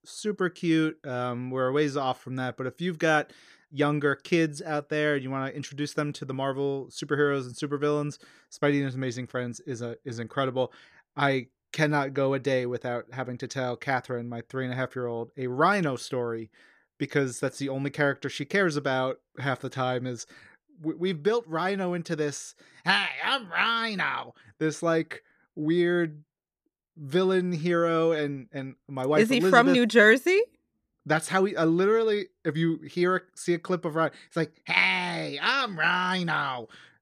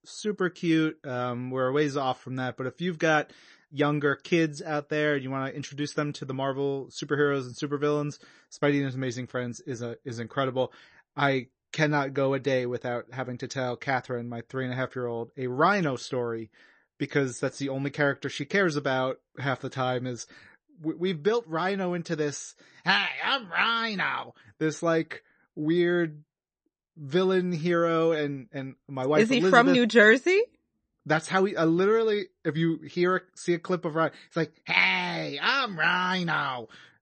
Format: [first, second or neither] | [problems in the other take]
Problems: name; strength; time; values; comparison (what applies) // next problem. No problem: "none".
first | garbled, watery; slightly; nothing above 8 kHz